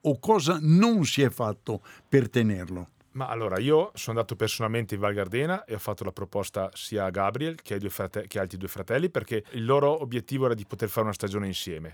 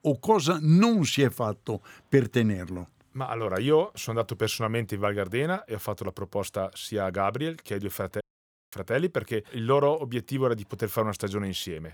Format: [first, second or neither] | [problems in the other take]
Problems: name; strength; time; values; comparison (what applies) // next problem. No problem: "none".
first | audio cutting out; at 8 s for 0.5 s